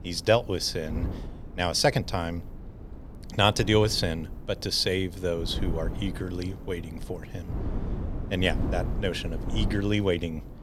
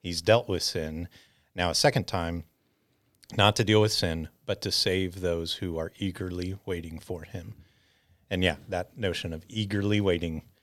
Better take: second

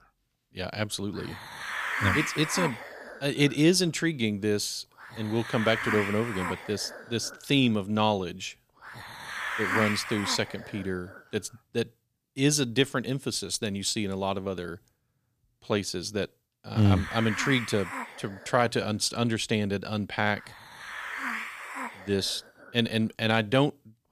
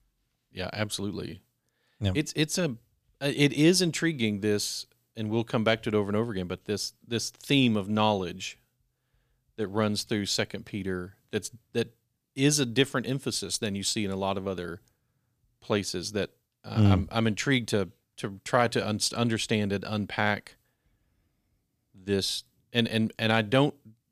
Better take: second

